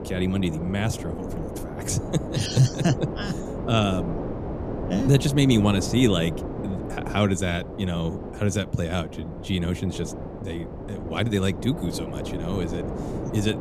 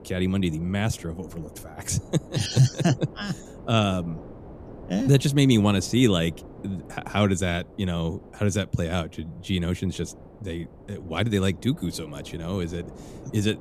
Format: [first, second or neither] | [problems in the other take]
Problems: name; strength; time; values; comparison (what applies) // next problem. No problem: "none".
second | wind noise on the microphone; heavy; 7 dB below the speech; occasional gusts in the second